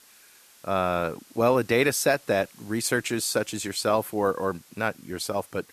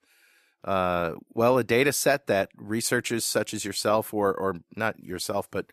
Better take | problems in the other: second | hiss; faint; throughout; 25 dB below the speech

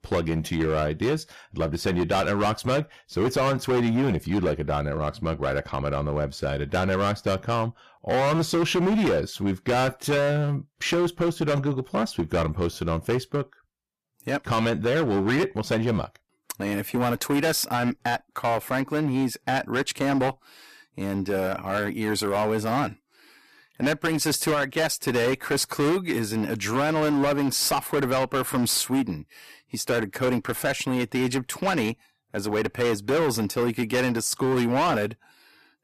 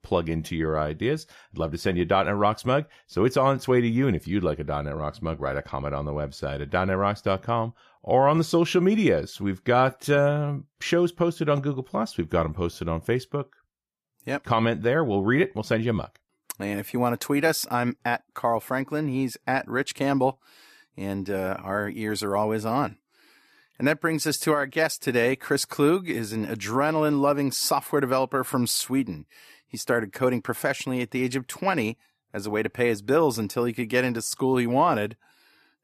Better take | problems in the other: second | distortion; heavy; 15% of the sound clipped

